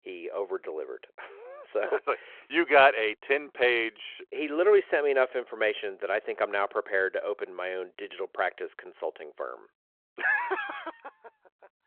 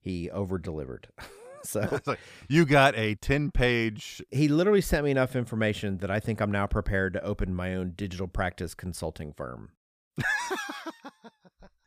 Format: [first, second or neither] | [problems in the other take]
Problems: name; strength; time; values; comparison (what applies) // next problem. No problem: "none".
second | phone-call audio